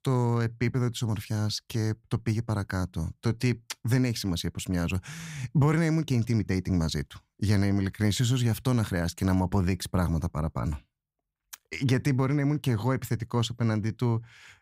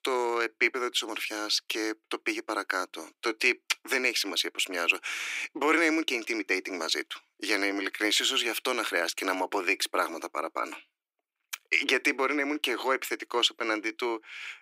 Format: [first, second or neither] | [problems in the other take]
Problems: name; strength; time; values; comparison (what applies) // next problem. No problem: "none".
first | thin; very; fading below 300 Hz